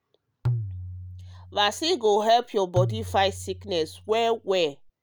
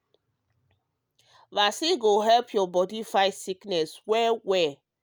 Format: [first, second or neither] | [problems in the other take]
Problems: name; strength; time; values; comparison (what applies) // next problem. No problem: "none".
second | background sound (Tabla); 8 dB below the speech